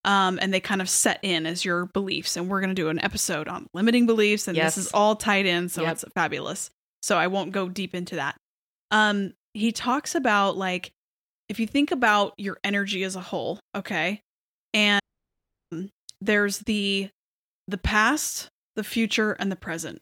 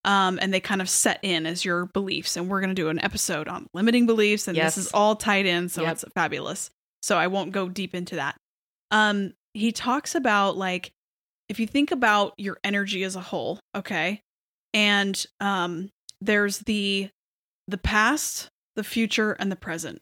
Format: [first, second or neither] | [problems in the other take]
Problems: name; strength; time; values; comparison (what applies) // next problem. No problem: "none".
second | audio cutting out; at 15 s for 0.5 s